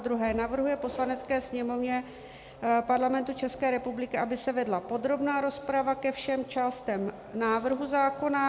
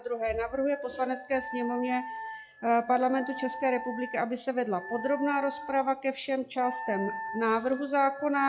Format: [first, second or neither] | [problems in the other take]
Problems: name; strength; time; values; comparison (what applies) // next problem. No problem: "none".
first | noise reduction (classical method log-MMSE)